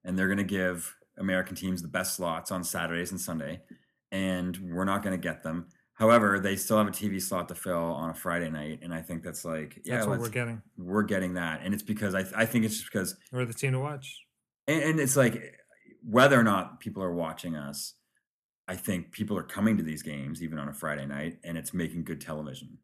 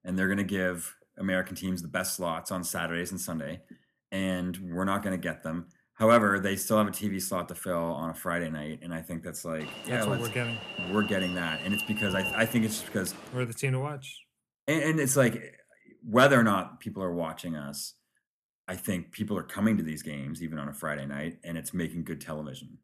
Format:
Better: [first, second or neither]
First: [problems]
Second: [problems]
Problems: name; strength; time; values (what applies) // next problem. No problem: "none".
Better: first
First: none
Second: alarm; noticeable; from 9.5 to 13 s; peak 1 dB below the speech